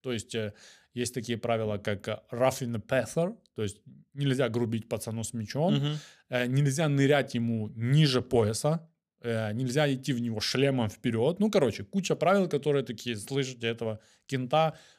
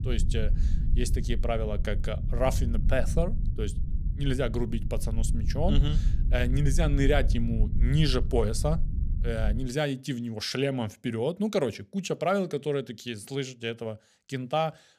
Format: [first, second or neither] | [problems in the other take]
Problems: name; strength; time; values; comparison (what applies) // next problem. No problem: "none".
first | low rumble; noticeable; until 9.5 s; 15 dB below the speech